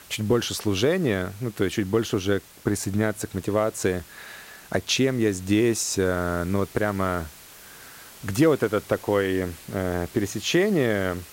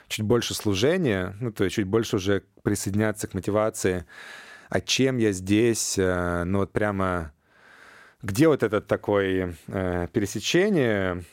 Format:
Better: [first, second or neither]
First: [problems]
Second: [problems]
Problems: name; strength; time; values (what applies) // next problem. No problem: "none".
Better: second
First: hiss; faint; throughout; 20 dB below the speech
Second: none